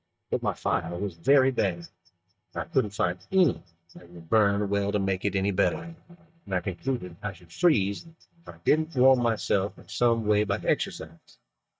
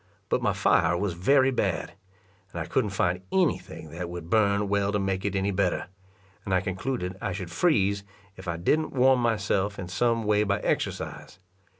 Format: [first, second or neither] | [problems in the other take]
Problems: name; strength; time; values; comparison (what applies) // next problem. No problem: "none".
second | noise reduction (neural mask model DeepFilterNet 3)